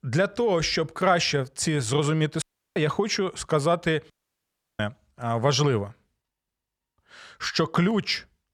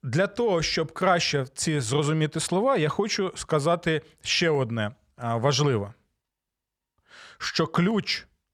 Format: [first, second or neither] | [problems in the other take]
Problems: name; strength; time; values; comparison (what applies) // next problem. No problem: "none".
second | audio cutting out; at 2.5 s and at 4 s for 0.5 s